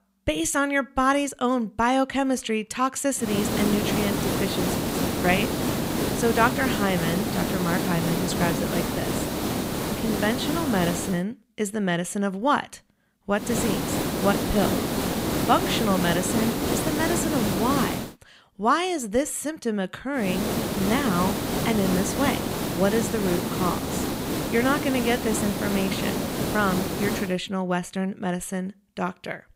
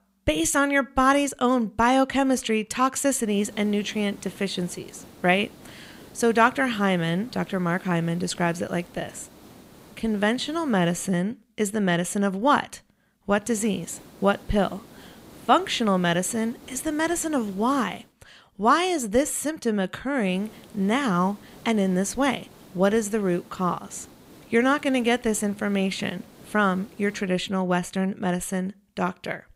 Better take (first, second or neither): second